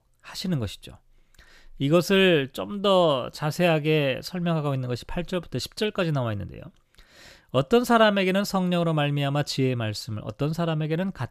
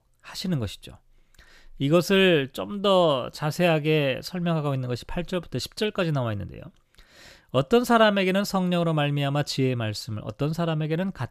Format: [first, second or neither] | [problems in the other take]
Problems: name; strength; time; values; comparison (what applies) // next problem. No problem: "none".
neither | none